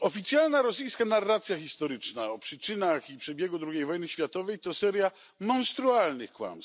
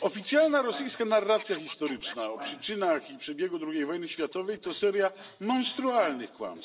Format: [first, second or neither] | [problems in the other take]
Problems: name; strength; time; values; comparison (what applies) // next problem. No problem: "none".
first | background sound (Scratching (performance technique)); 18 dB below the speech // room echo; dies away in 0.4 s